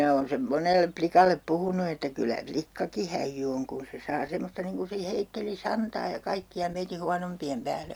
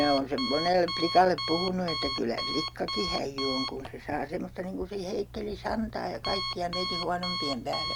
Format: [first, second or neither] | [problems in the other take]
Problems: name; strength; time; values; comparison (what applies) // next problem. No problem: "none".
first | background sound (Alarm); 5 dB below the speech